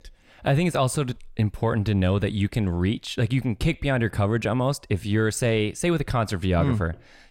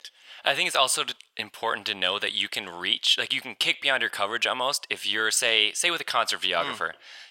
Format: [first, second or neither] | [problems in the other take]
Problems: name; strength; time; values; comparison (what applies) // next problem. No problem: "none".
first | thin; very; fading below 950 Hz